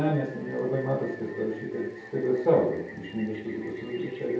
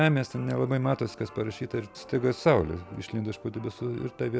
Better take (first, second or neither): second